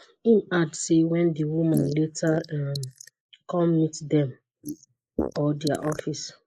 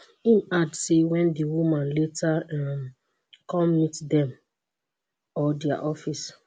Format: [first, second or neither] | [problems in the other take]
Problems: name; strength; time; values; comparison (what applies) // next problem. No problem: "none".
second | noise reduction (neural mask model Resemble Enhance denoiser)